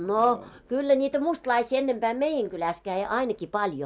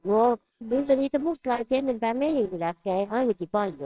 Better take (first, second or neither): first